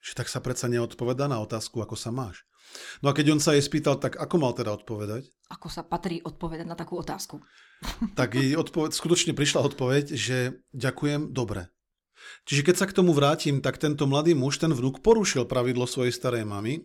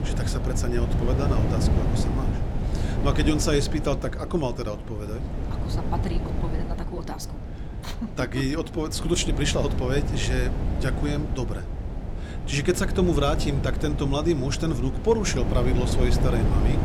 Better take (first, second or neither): first